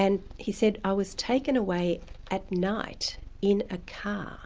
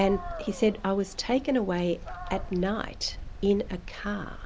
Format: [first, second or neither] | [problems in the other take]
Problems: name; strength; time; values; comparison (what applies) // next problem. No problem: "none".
first | background sound (Stream + Dog); 12 dB below the speech